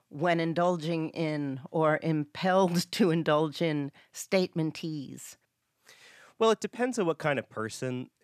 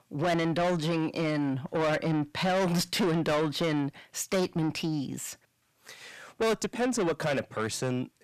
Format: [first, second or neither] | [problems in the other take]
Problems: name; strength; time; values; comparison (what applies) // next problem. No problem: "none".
first | distortion; heavy; 6 dB below the speech